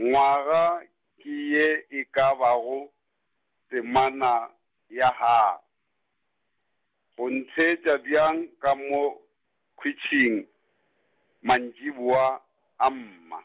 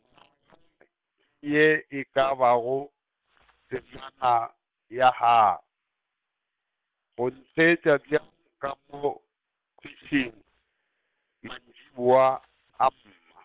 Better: first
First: none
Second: noise reduction (neural separator model SepFormer WHAM!)

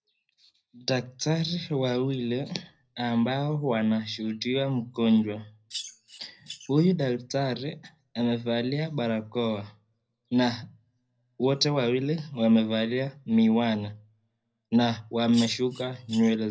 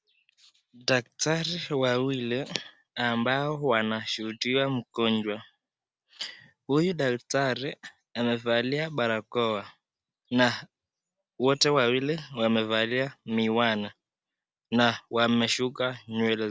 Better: second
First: background sound (Bird vocalization, bird call, bird song); 15 dB below the speech // room echo; dies away in 0.4 s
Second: none

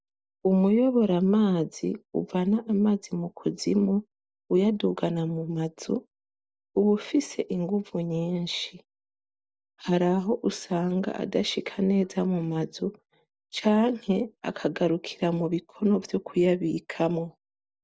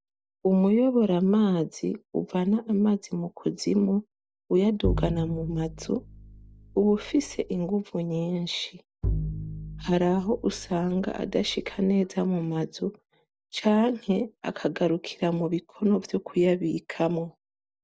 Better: first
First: none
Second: background sound (Bowed string instrument); 8 dB below the speech

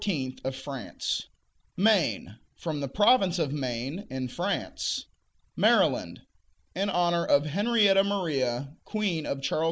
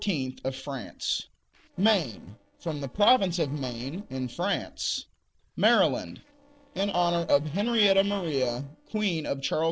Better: first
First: none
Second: noise reduction (neural separator model SepFormer DNS4)

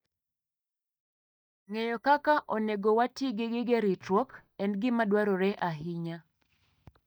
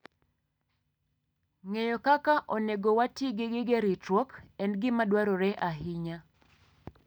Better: second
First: noise reduction (neural mask model DeepFilterNet 3)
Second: none

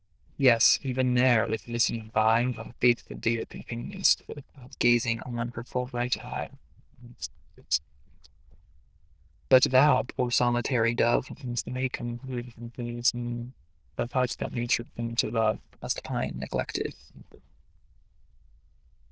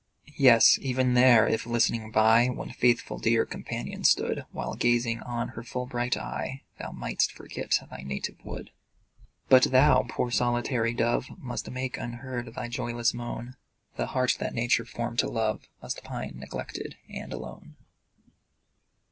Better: second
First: noise reduction (neural diffusion model UNIVERSE++)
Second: none

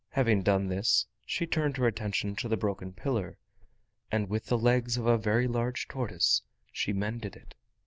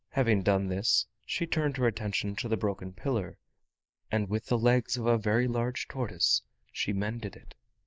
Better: first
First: none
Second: noise reduction (neural mask model Resemble Enhance denoiser)

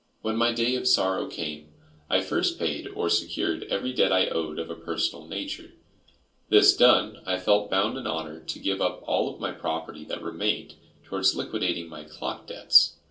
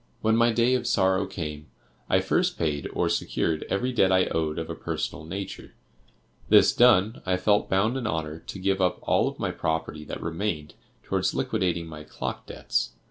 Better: second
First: room echo; dies away in 0.2 s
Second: none

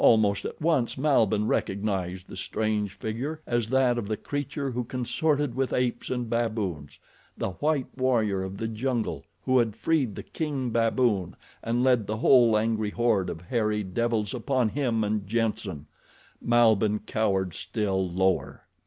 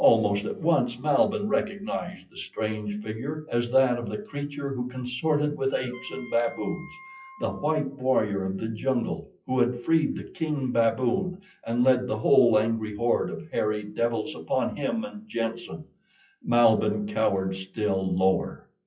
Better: first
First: none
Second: noise reduction (classical method WPE with log-MMSE)

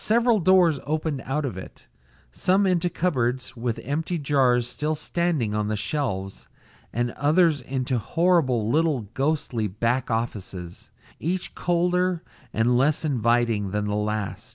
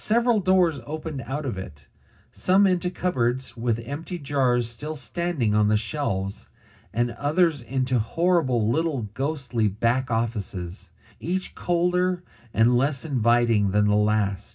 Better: first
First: none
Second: room echo; dies away in 0.4 s

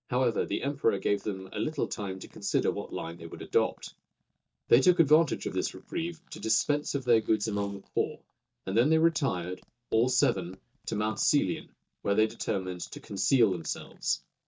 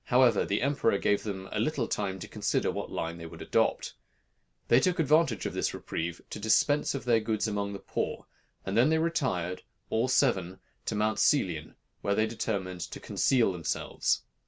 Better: second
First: noise reduction (neural mask model DeepFilterNet 3)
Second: none

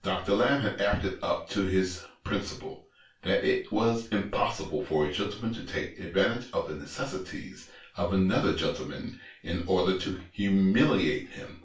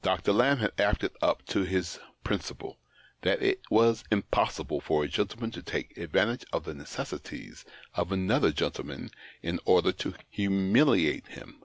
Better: second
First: room echo; dies away in 0.3 s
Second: none

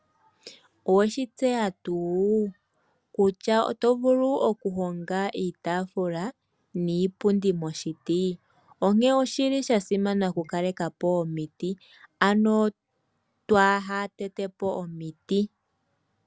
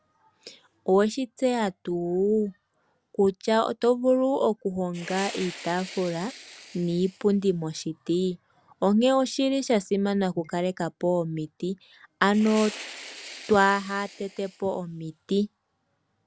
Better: first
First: none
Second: background sound (Fire); 17 dB below the speech

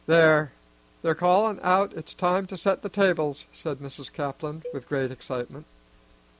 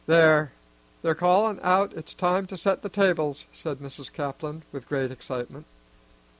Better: second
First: background sound (Cowbell); 19 dB below the speech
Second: none

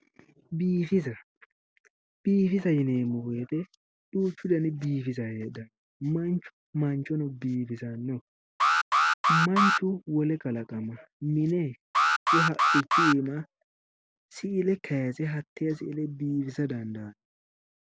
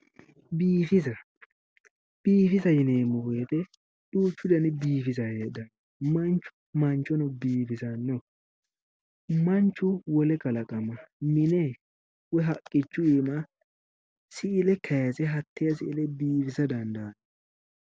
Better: second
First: background sound (Alarm); 5 dB above the speech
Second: none

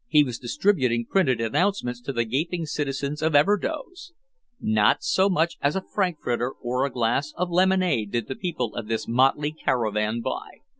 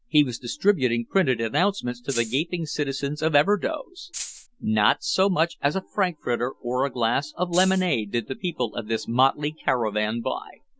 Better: first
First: none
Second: background sound (Rattle (instrument)); 10 dB below the speech

